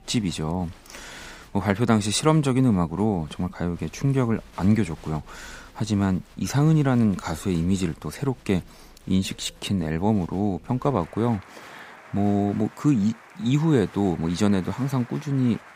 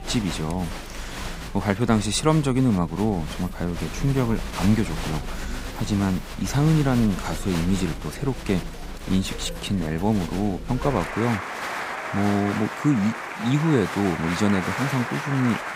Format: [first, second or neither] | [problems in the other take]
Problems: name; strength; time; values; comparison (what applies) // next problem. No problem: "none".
first | crowd noise; loud; throughout; 8 dB below the speech; faint in the first